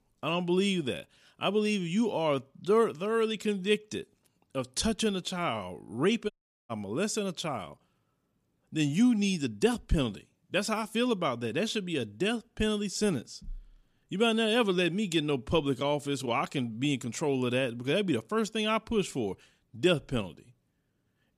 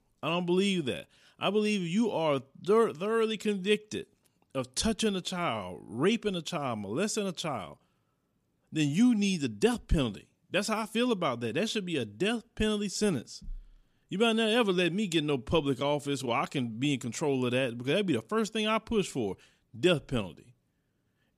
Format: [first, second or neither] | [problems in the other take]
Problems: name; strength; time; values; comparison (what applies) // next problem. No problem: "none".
second | audio cutting out; at 6.5 s